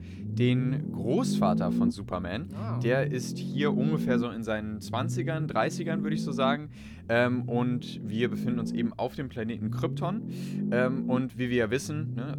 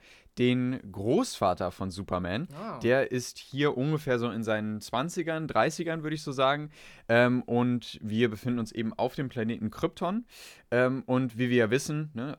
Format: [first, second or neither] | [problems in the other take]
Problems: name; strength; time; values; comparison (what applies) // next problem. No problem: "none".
second | low rumble; loud; throughout; 7 dB below the speech